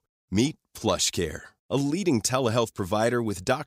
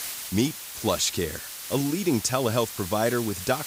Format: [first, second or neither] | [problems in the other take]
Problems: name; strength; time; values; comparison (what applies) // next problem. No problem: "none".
first | hiss; loud; throughout; 8 dB below the speech